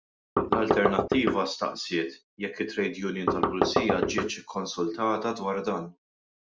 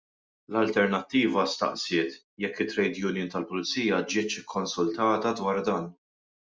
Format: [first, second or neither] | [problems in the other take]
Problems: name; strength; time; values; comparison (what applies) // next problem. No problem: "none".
second | background sound (Knock); 4 dB above the speech